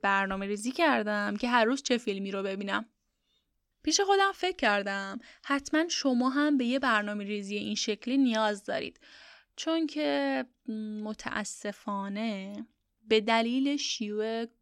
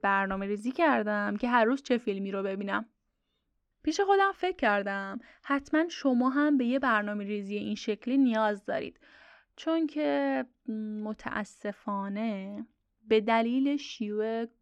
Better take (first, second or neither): first